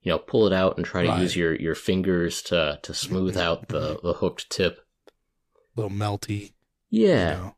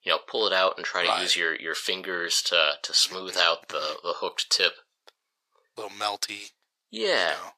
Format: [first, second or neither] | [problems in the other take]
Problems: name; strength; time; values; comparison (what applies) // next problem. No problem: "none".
first | thin; very; fading below 900 Hz